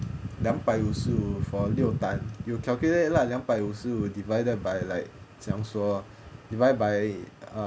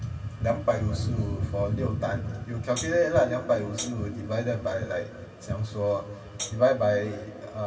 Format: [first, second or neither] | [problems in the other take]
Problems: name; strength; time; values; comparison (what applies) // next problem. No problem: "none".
first | background sound (Hi-hat); 10 dB below the speech // room echo; dies away in 2.5 s